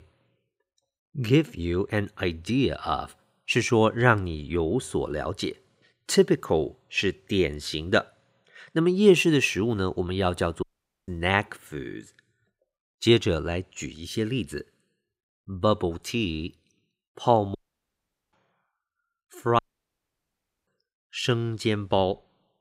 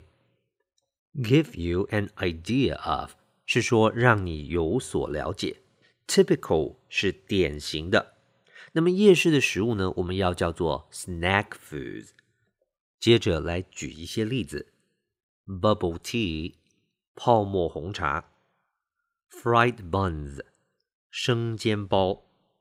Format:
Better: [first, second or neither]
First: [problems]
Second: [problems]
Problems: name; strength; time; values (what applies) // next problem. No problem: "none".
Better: second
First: audio cutting out; at 11 s, at 18 s for 1 s and at 20 s for 1 s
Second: none